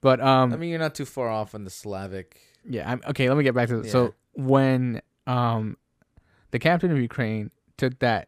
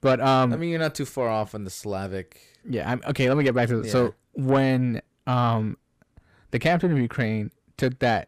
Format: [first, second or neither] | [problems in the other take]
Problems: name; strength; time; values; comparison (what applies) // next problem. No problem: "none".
first | distortion; slight; 10 dB below the speech